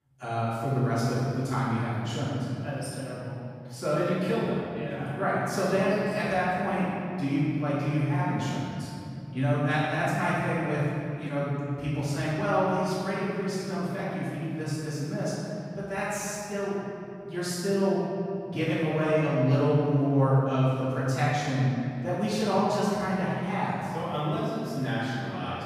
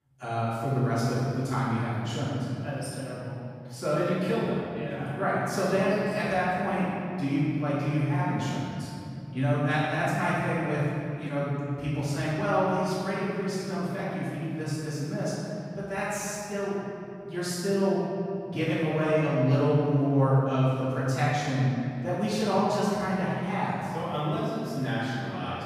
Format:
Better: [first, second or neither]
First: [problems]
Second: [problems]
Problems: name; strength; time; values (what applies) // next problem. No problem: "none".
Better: neither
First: room echo; strong; dies away in 2.6 s // off-mic speech; far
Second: room echo; strong; dies away in 2.6 s // off-mic speech; far